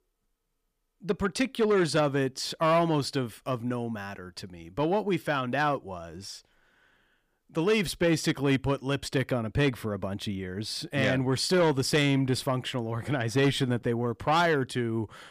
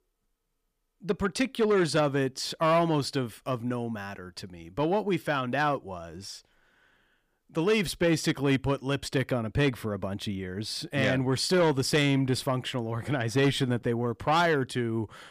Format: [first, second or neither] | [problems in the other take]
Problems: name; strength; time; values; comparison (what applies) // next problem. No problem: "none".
neither | distortion; slight; 10 dB below the speech; the same in both